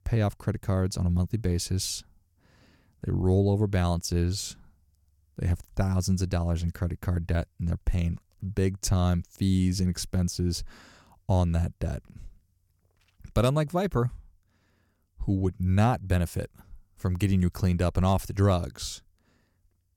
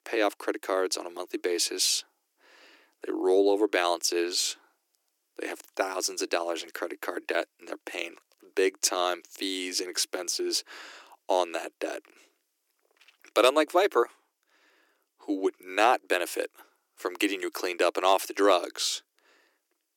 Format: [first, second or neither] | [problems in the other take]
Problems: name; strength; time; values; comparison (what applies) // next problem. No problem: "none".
first | thin; very; fading below 300 Hz